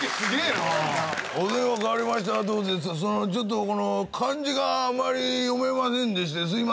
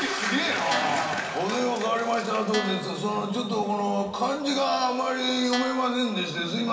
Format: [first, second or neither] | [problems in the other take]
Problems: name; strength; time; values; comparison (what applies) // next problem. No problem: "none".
first | background sound (Guitar); 10 dB below the speech // room echo; dies away in 2.5 s